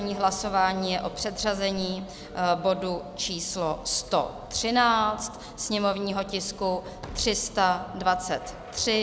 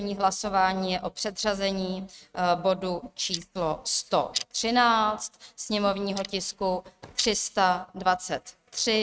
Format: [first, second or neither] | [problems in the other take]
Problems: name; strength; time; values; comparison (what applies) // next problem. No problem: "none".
first | noise reduction (neural mask model RNNoise)